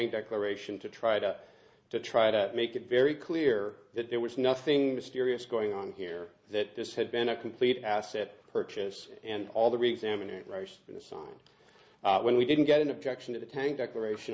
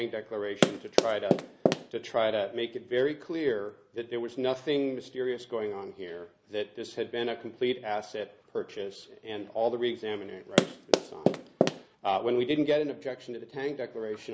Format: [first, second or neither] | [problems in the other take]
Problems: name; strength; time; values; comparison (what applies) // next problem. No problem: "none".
first | background sound (Run); 5 dB above the speech